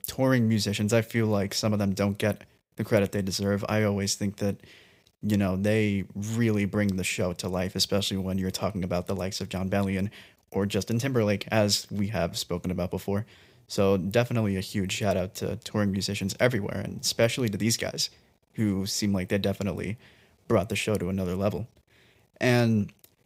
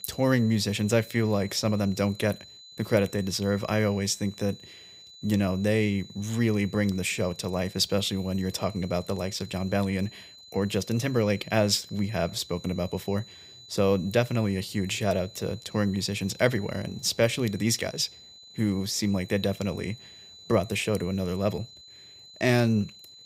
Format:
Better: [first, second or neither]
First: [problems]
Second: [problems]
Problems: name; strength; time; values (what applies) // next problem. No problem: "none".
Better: first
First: none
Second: high-pitched whine; noticeable; throughout; 4 kHz, 20 dB below the speech